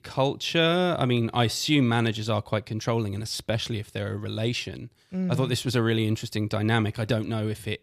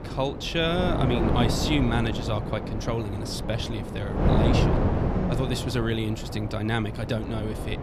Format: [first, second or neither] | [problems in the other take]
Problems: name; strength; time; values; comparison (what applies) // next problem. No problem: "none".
first | wind noise on the microphone; heavy; 2 dB below the speech